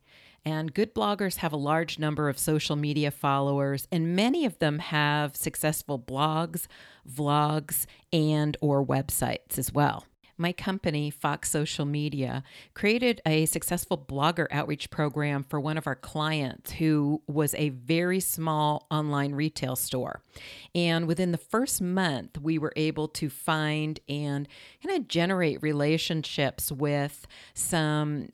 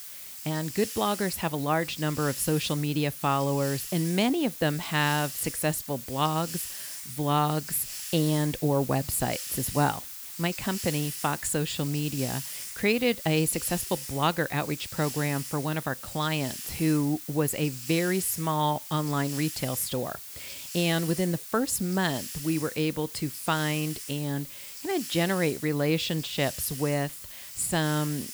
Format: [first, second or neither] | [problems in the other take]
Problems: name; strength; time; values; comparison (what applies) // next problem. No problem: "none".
first | hiss; loud; throughout; 8 dB below the speech